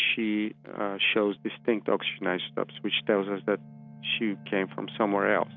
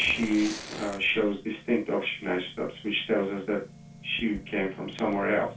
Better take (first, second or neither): first